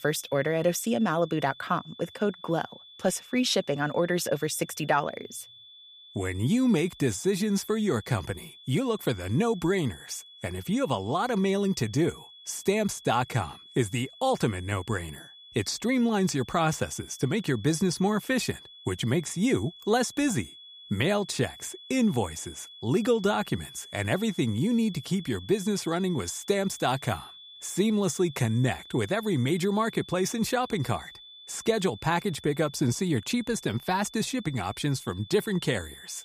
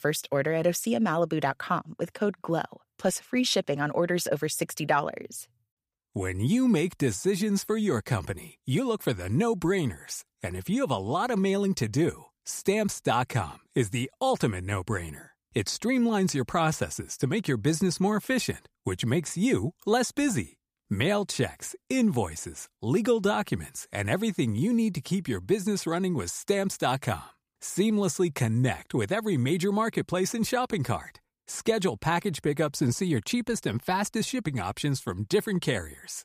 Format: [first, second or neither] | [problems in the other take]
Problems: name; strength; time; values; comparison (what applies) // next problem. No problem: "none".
second | high-pitched whine; noticeable; throughout; 3.5 kHz, 20 dB below the speech